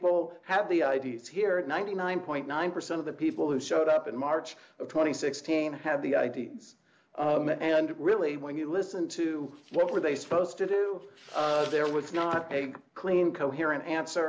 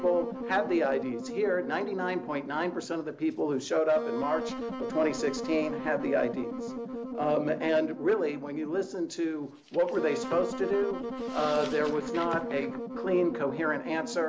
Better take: first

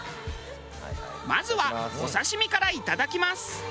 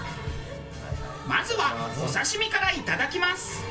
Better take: first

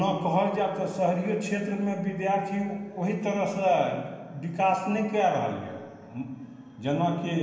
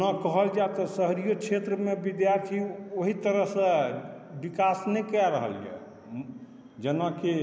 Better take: second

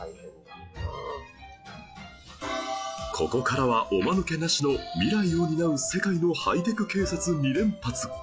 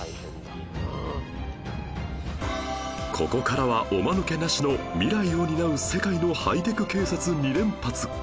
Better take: second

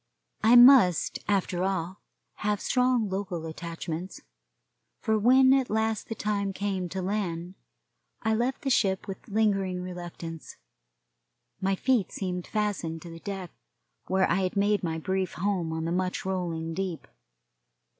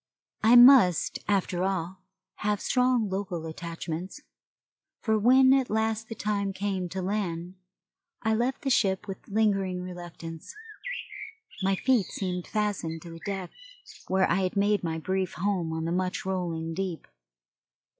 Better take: first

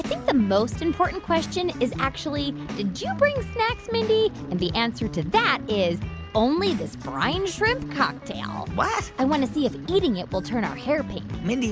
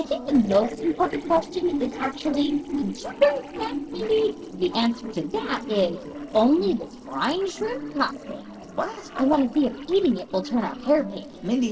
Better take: first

